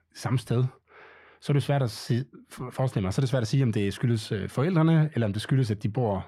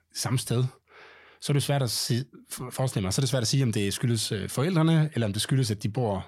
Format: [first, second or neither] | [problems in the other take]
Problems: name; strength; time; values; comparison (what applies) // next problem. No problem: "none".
second | muffled; slightly; fading above 3.5 kHz